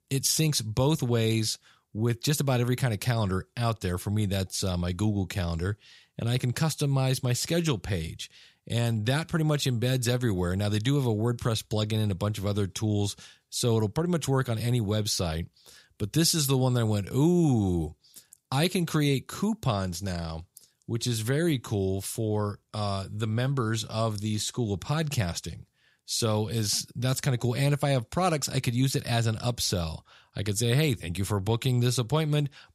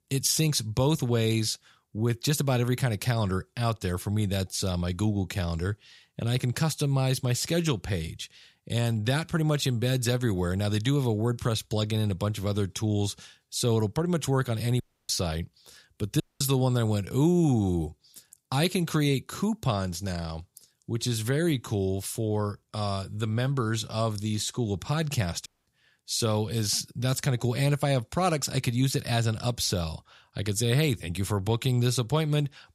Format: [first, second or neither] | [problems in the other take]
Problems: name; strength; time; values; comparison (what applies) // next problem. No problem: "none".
first | audio cutting out; at 15 s, at 16 s and at 25 s